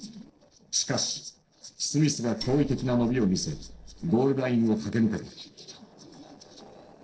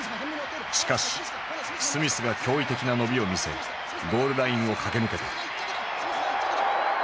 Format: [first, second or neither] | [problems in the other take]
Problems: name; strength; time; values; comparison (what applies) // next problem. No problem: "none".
second | noise reduction (neural separator model SepFormer DNS4)